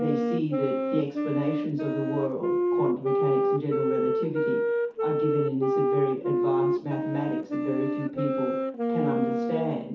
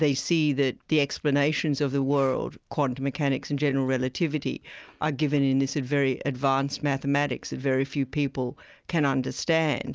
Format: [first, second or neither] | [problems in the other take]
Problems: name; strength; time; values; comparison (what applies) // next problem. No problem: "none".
second | background sound (Wind instrument, woodwind instrument); 4 dB above the speech // room echo; dies away in 0.5 s